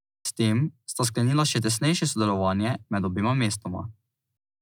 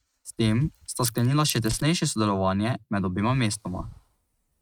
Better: first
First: none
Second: noise reduction (neural mask model RNNoise)

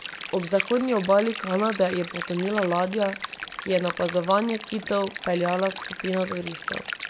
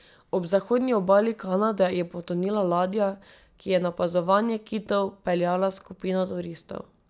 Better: second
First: background sound (Stream); 10 dB below the speech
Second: none

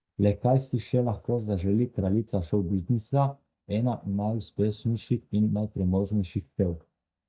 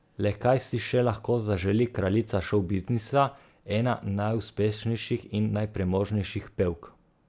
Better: second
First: noise reduction (neural mask model DeepFilterNet 3)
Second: none

